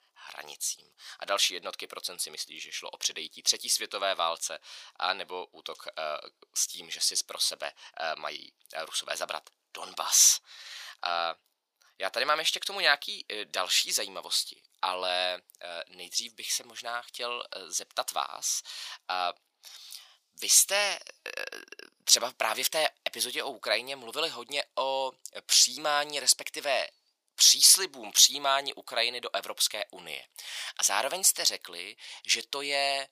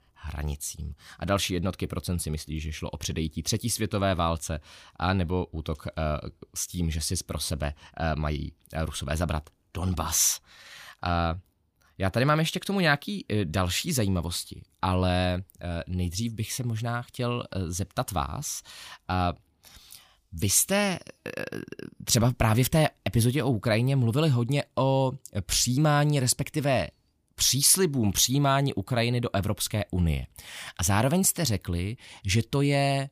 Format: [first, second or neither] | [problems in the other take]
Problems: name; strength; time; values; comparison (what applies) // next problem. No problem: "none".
second | thin; very; fading below 550 Hz